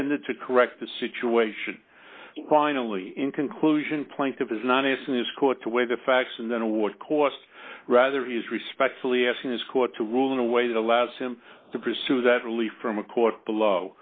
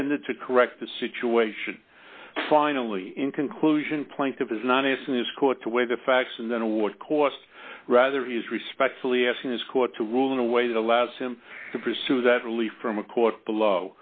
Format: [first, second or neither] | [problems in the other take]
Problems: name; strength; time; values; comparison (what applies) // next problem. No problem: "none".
second | noise reduction (neural mask model Resemble Enhance denoiser)